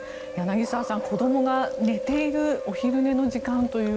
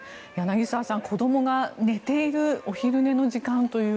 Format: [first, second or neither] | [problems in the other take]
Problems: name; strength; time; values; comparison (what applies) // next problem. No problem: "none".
second | background sound (Chewing, mastication); 7 dB below the speech